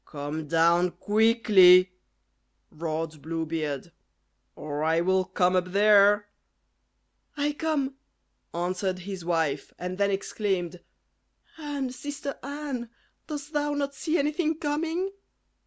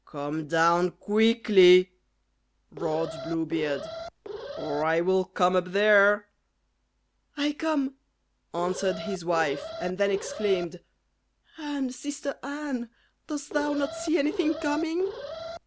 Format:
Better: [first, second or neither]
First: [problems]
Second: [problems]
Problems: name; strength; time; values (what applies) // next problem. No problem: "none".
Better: first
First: none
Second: background sound (Alarm); 10 dB below the speech